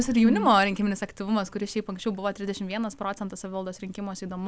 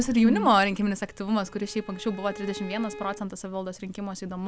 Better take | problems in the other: first | background sound (Bowed string instrument); 17 dB below the speech

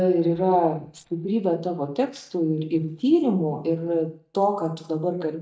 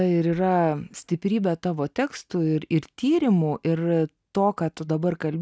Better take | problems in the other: second | noise reduction (neural mask model DeepFilterNet 3)

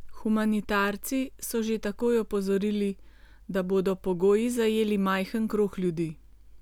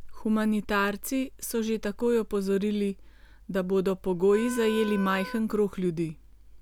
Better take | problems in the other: first | background sound (Wind instrument, woodwind instrument); 13 dB below the speech

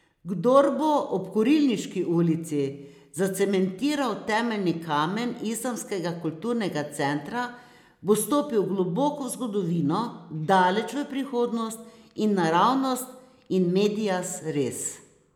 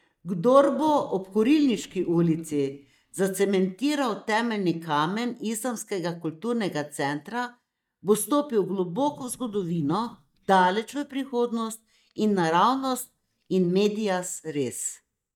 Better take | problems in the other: first | noise reduction (neural mask model DeepFilterNet 3)

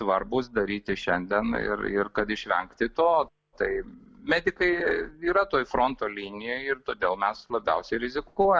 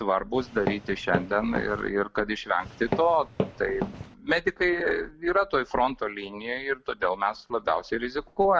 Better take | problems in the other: first | background sound (Walk, footsteps); 6 dB below the speech

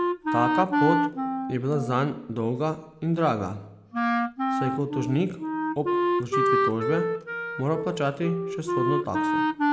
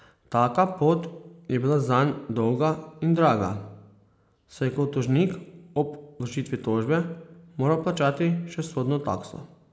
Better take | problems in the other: second | background sound (Wind instrument, woodwind instrument); 2 dB above the speech

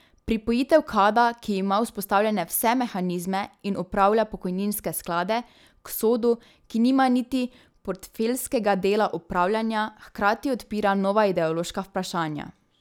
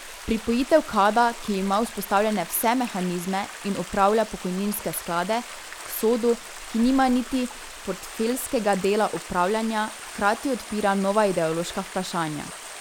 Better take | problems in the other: first | background sound (Stream); 14 dB below the speech

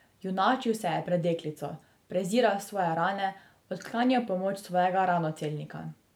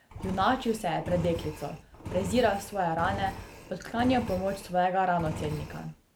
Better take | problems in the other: first | background sound (Engine); 10 dB below the speech

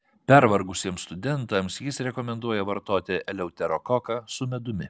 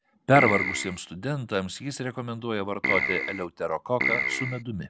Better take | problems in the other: first | background sound (Keyboard (musical)); 1 dB above the speech

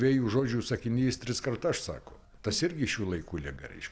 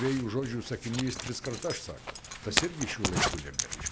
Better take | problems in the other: first | background sound (Zipper (clothing)); as loud as the speech

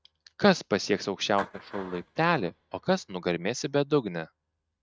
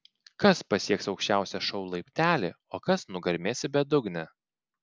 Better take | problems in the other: second | noise reduction (neural mask model RNNoise)

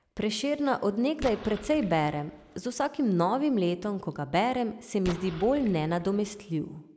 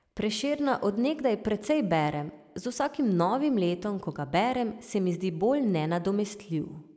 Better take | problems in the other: second | background sound (Explosion); 15 dB below the speech

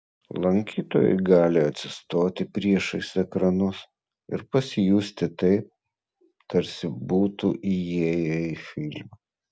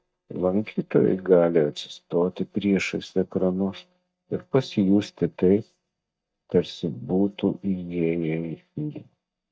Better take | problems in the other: first | noise reduction (neural mask model DeepFilterNet 3)

